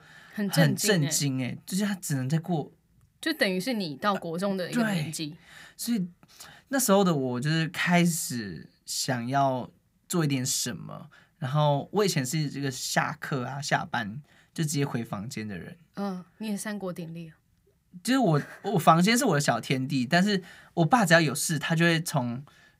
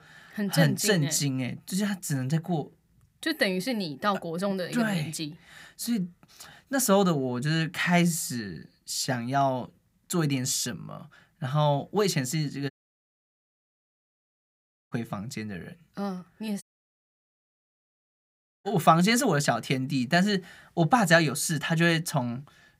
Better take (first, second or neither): first